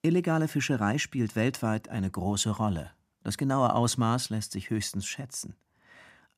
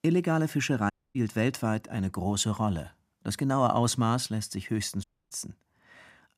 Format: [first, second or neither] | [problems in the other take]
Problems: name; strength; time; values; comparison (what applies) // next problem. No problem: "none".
first | audio cutting out; at 1 s and at 5 s